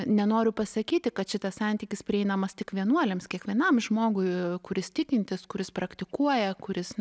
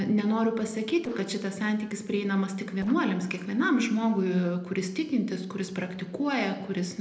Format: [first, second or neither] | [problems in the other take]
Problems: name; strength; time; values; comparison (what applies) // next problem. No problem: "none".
first | noise reduction (neural separator model SepFormer DNS4)